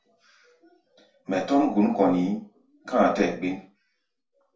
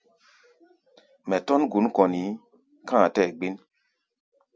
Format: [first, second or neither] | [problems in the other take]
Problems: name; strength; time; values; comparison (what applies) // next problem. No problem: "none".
second | room echo; dies away in 0.3 s